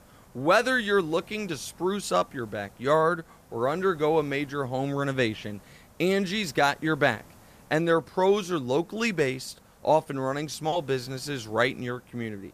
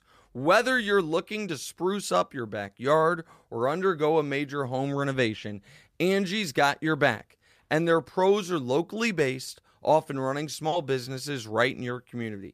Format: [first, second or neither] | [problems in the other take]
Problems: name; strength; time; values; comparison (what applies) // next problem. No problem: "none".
second | hiss; faint; throughout; 25 dB below the speech